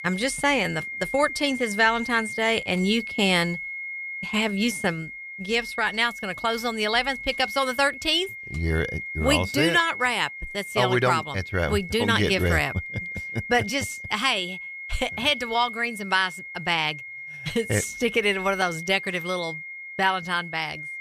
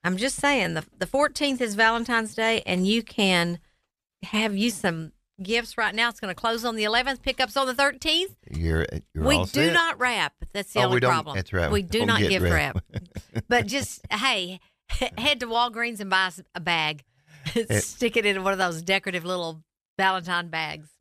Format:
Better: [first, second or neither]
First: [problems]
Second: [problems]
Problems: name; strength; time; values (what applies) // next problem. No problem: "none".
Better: second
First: high-pitched whine; loud; throughout; 2 kHz, 9 dB below the speech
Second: none